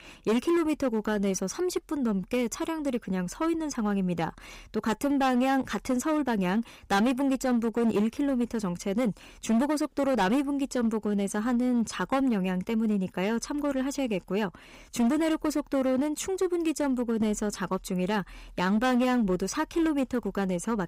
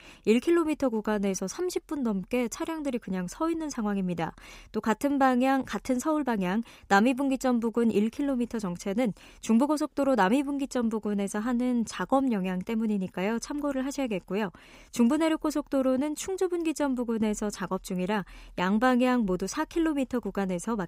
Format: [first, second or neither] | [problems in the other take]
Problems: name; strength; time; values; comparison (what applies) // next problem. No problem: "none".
second | distortion; slight; 9% of the sound clipped